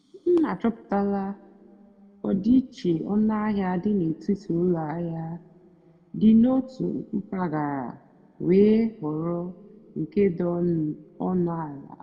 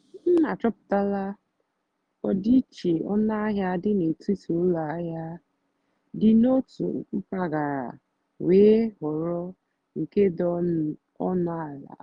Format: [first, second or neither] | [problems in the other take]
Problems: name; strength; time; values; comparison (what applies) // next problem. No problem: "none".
second | room echo; dies away in 1.2 s